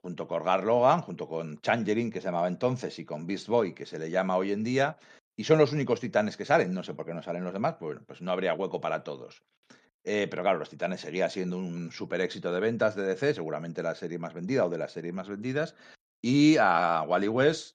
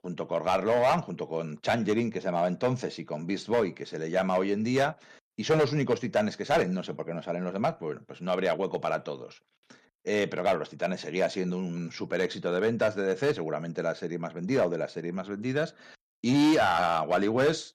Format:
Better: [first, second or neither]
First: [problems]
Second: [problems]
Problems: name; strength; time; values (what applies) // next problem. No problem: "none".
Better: first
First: none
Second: distortion; slight; 3% of the sound clipped